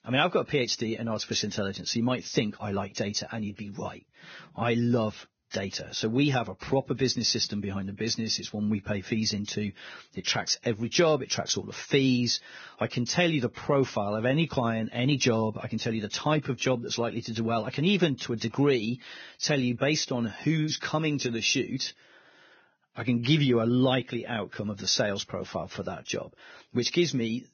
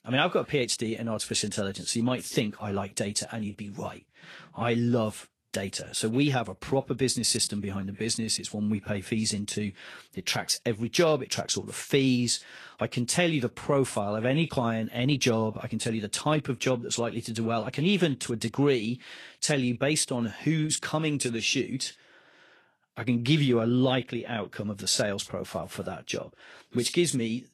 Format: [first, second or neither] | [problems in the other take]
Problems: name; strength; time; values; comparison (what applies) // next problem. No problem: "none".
second | garbled, watery; badly; nothing above 6.5 kHz; slightly in the second